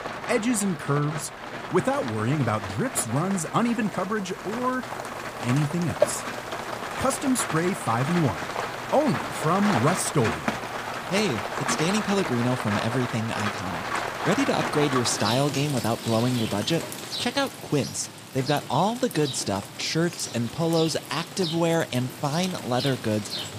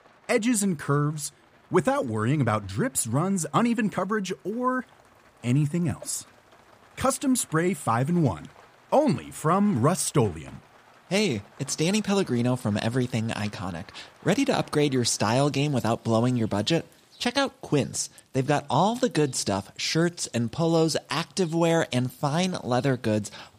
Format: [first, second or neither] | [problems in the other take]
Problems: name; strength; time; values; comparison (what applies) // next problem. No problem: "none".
second | rain or running water; loud; throughout; 5 dB below the speech; faint in the second